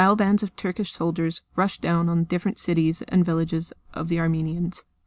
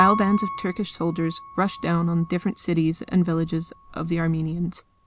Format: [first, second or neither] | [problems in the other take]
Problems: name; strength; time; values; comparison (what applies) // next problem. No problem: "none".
first | background sound (Piano); 9 dB below the speech